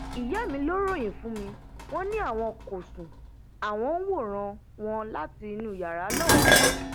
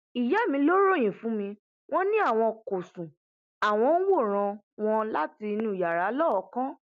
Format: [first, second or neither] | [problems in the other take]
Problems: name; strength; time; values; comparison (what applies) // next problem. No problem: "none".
second | background sound (Dishes, pots, and pans); 2 dB above the speech